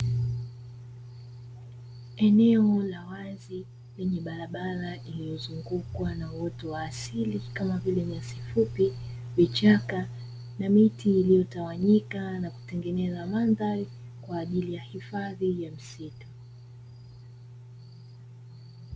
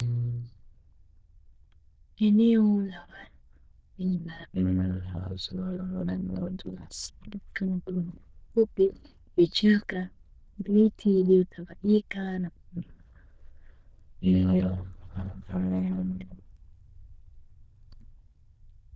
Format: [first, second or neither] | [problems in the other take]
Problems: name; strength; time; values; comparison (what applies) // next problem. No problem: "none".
first | noise reduction (neural diffusion model UNIVERSE++)